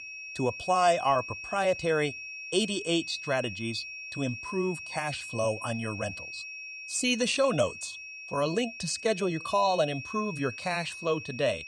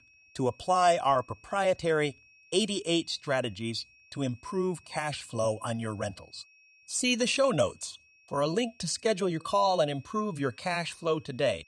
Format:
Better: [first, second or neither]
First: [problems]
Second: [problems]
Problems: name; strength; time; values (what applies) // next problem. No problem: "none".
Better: second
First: high-pitched whine; loud; throughout; 2.5 kHz, 9 dB below the speech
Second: high-pitched whine; faint; throughout; 2.5 kHz, 30 dB below the speech